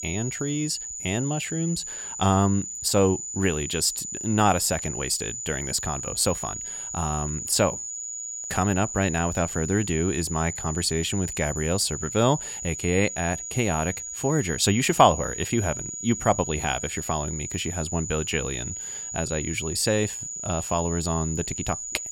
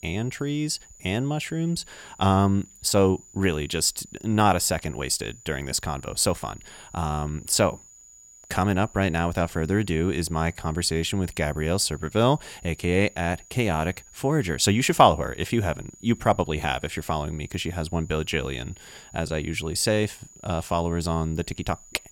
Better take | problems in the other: second | high-pitched whine; loud; throughout; 7 kHz, 6 dB below the speech; faint in the second

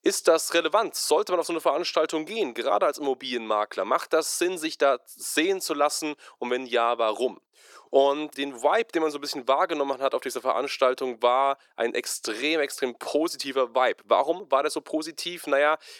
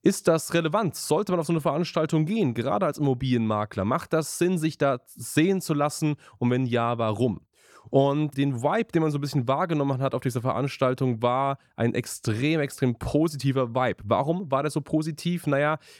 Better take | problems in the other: second | thin; very; fading below 400 Hz

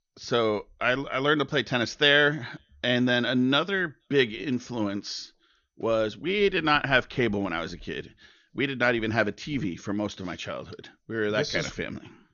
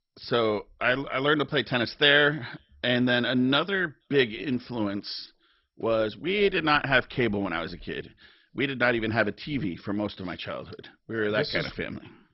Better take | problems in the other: first | garbled, watery; badly; nothing above 5.5 kHz; slightly in the first

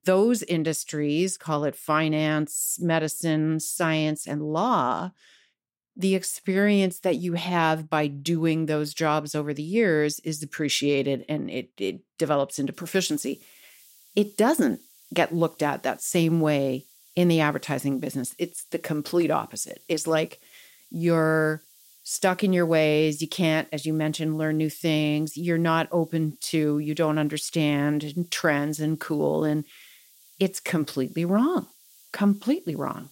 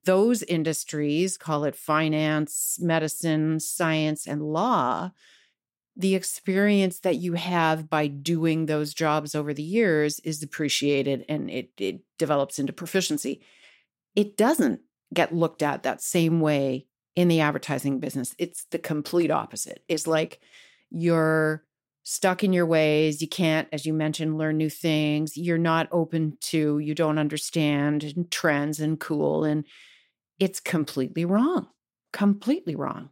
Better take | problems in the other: second | hiss; faint; from 13 s on; 25 dB below the speech

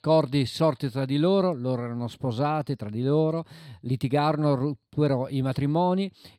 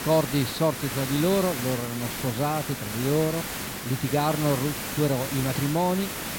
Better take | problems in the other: first | hiss; loud; throughout; 5 dB below the speech

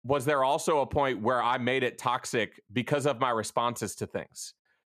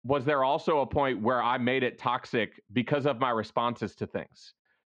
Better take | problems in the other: first | muffled; slightly; fading above 4 kHz

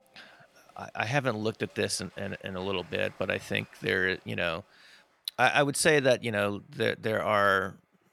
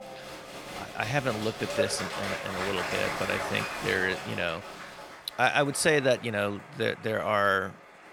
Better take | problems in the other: first | crowd noise; loud; throughout; 7 dB below the speech; faint in the first

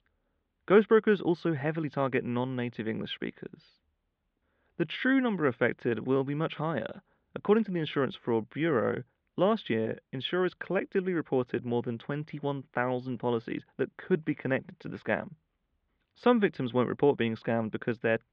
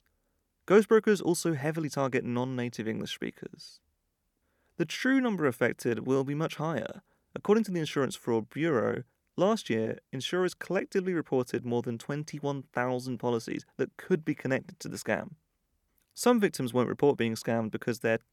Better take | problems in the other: second | muffled; very; fading above 3.5 kHz

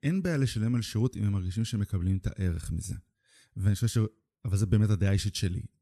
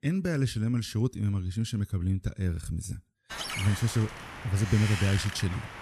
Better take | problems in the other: first | wind noise on the microphone; heavy; from 3.5 s on; 2 dB above the speech

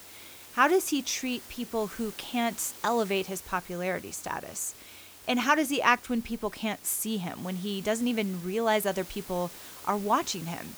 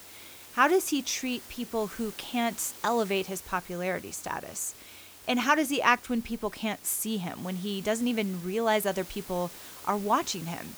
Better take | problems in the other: neither | hiss; noticeable; throughout; 15 dB below the speech; the same in both

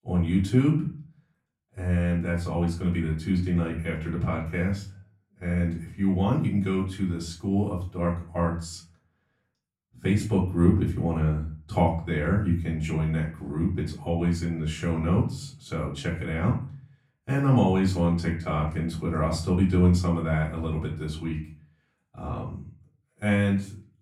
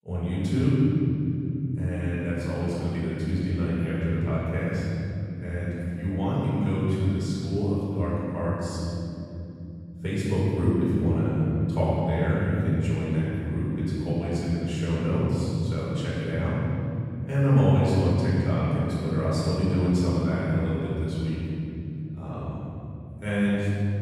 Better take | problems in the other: first | room echo; strong; dies away in 3 s; slight in the first // off-mic speech; far; far in the first

